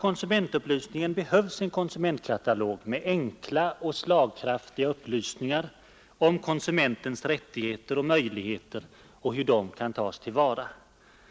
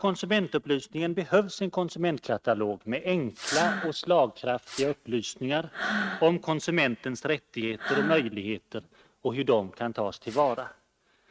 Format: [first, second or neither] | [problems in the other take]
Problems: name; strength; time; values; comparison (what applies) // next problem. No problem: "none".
first | noise reduction (neural mask model RNNoise)